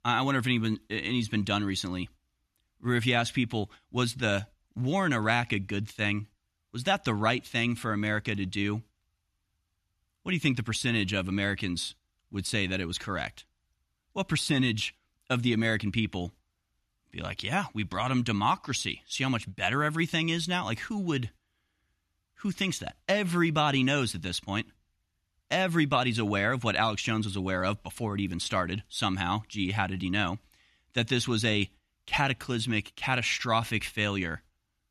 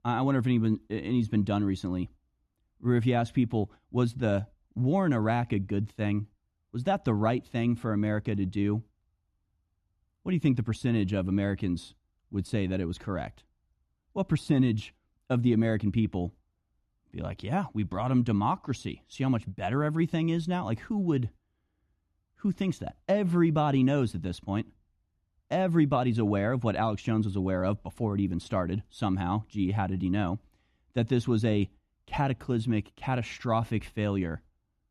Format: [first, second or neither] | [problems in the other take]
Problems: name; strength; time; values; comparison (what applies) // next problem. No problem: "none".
first | muffled; slightly; fading above 1 kHz